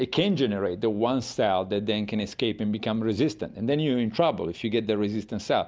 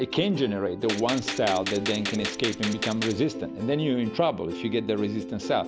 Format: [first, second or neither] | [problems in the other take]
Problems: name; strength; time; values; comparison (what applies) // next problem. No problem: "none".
first | background sound (Plucked string instrument + Gunshot, gunfire); 8 dB below the speech